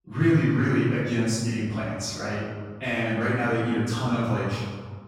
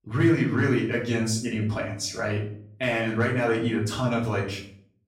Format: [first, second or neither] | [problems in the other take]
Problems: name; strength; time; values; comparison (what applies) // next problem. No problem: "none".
second | room echo; strong; dies away in 1.6 s; slight in the second // off-mic speech; far; far in the second